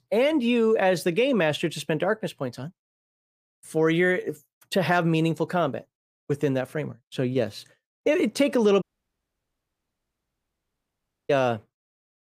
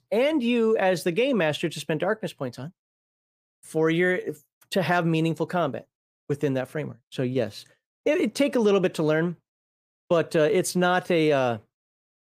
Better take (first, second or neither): second